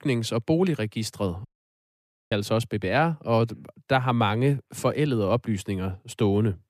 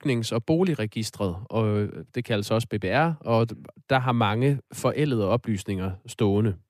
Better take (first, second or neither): second